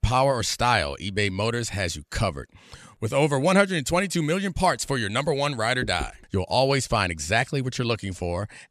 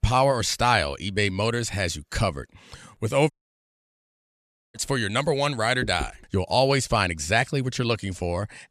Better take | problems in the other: first | audio cutting out; at 3.5 s for 1.5 s

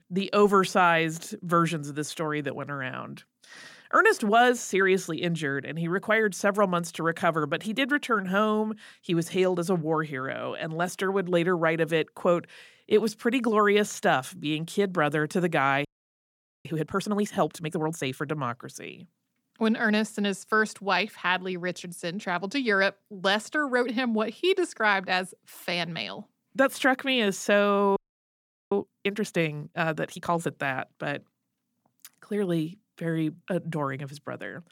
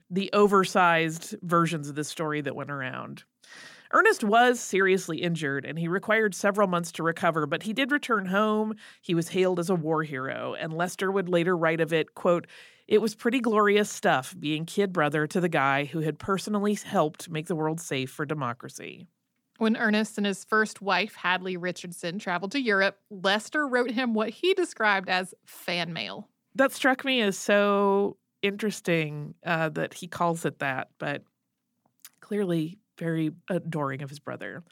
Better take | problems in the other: second | audio freezing; at 16 s for 1 s and at 28 s for 1 s

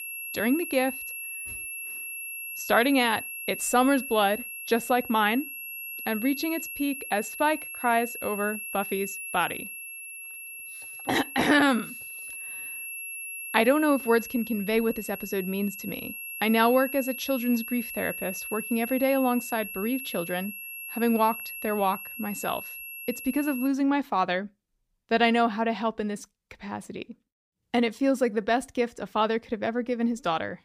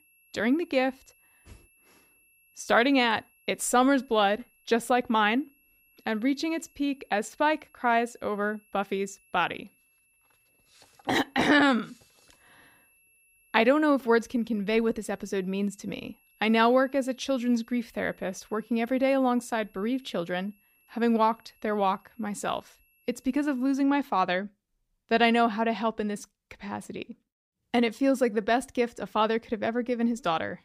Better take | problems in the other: second | high-pitched whine; loud; until 24 s; 2.5 kHz, 8 dB below the speech; faint in the second

